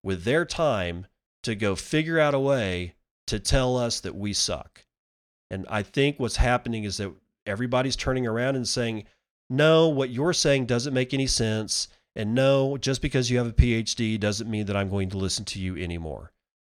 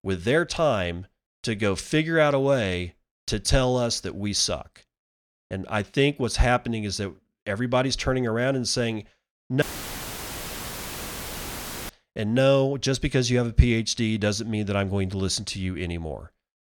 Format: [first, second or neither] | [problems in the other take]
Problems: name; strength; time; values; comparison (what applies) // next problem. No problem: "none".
first | audio cutting out; filled with static; at 9.5 s for 2.5 s